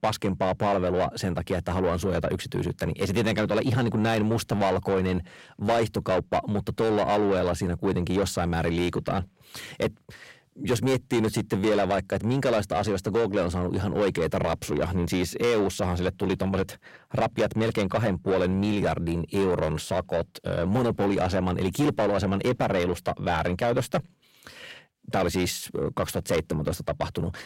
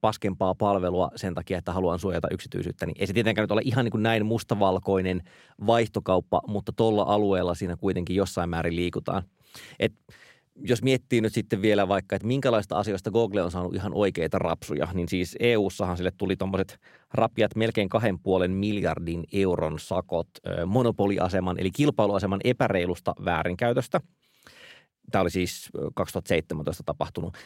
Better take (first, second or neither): second